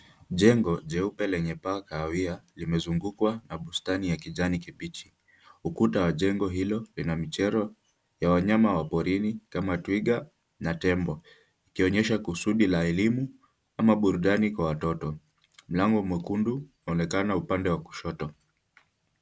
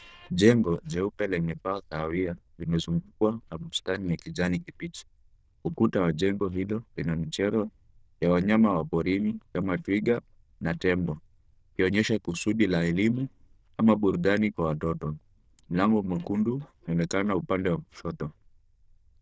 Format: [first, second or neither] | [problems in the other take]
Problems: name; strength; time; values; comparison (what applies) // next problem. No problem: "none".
first | noise reduction (neural diffusion model UNIVERSE++)